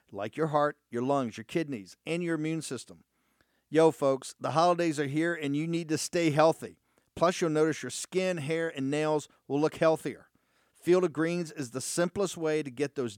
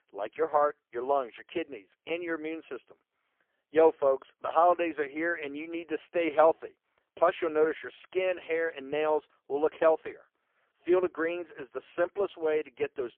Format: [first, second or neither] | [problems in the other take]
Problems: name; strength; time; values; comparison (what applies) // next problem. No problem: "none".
first | phone-call audio; poor line